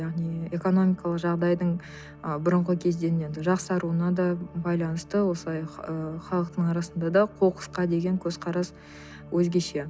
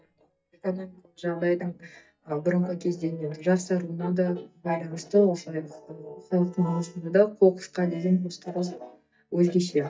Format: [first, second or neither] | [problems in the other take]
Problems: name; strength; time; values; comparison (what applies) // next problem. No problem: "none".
first | noise reduction (neural mask model DeepFilterNet 3)